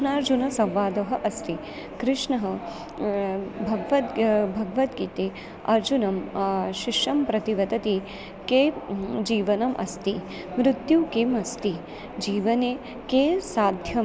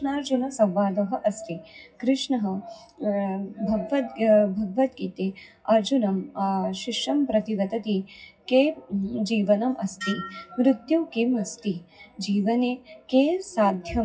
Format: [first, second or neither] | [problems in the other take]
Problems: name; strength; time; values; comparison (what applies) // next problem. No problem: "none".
first | noise reduction (classical method WPE with log-MMSE)